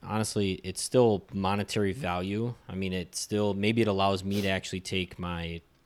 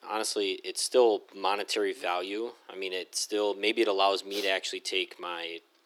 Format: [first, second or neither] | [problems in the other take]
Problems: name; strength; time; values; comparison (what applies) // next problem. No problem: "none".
first | thin; very; fading below 300 Hz